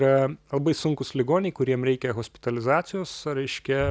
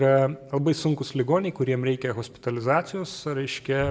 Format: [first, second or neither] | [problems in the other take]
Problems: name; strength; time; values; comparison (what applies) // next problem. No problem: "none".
first | room echo; dies away in 1.3 s